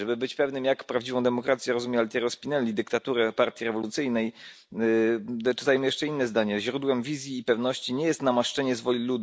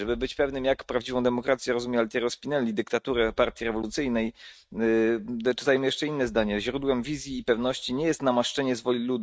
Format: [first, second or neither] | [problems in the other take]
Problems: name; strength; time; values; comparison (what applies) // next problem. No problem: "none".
first | noise reduction (neural mask model RNNoise)